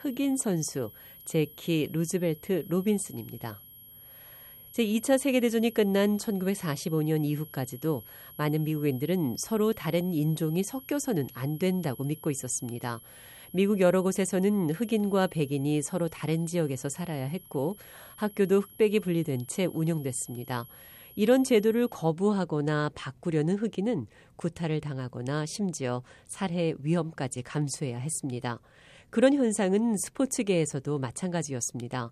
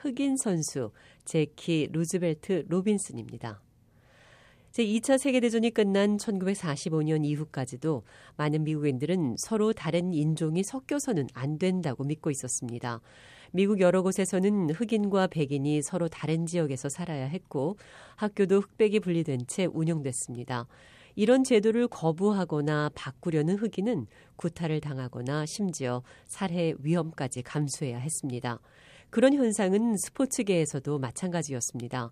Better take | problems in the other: second | high-pitched whine; noticeable; until 22 s; 11.5 kHz, 20 dB below the speech

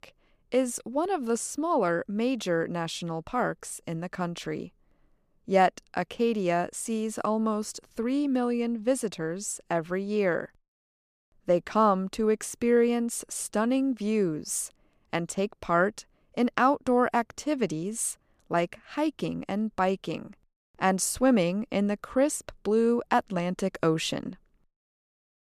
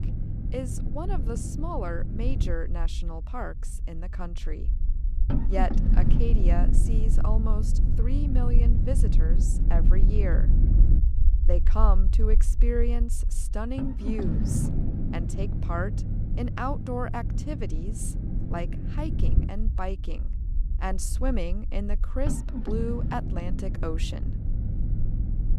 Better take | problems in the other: first | low rumble; loud; throughout; 6 dB below the speech

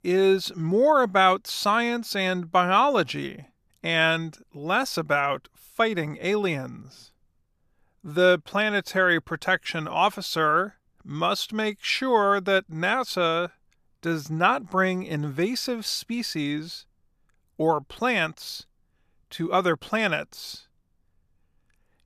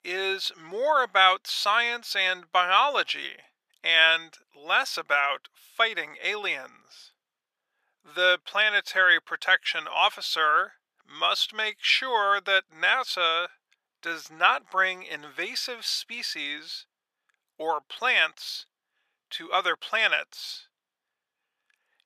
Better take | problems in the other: first | thin; very; fading below 650 Hz

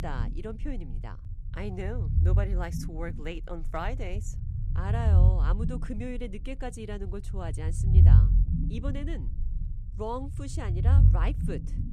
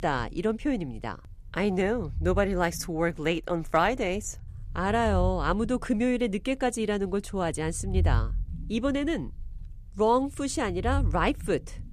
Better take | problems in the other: second | low rumble; loud; throughout; 3 dB below the speech; faint in the second

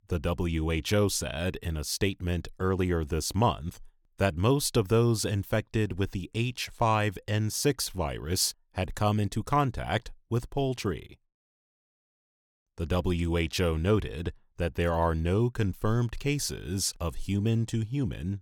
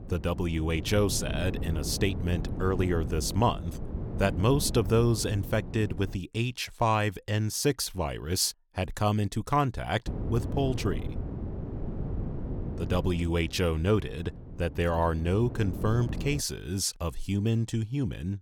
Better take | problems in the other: first | wind noise on the microphone; occasional gusts; until 6 s and from 10 to 16 s; 15 dB below the speech

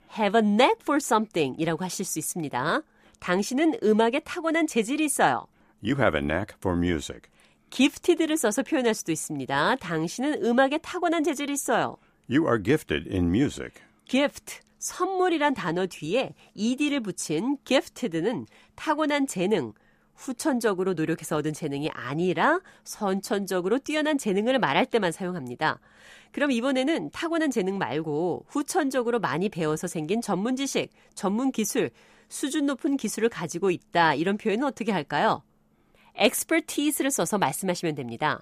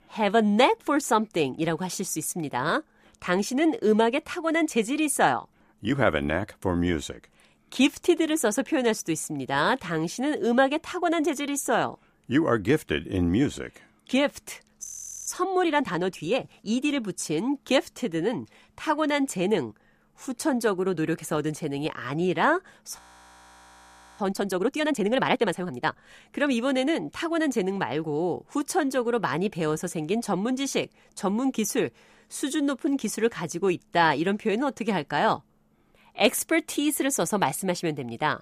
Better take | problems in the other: first | audio freezing; at 15 s and at 23 s for 1 s

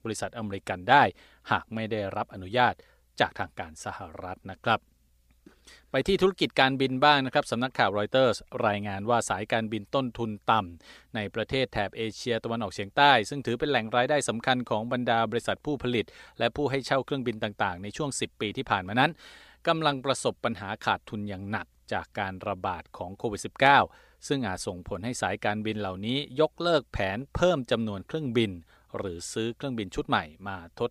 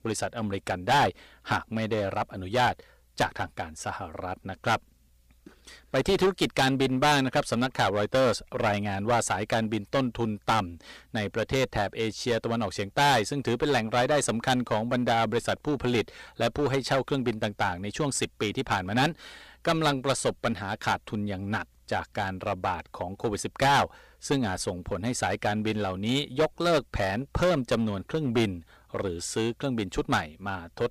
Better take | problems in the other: first | distortion; heavy; 7% of the sound clipped

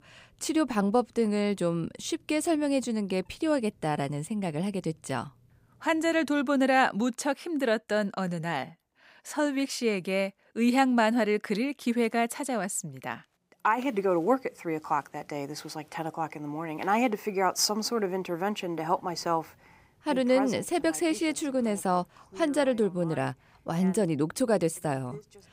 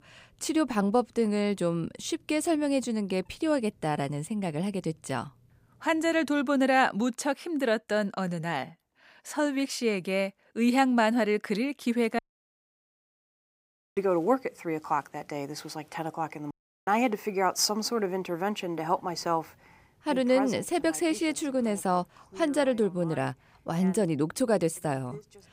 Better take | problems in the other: first | audio cutting out; at 12 s for 2 s and at 17 s

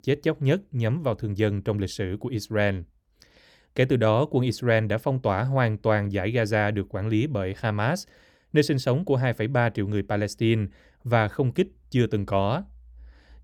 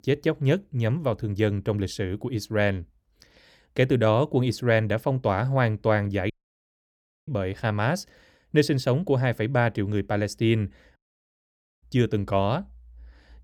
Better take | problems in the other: first | audio cutting out; at 6.5 s for 1 s and at 11 s for 1 s

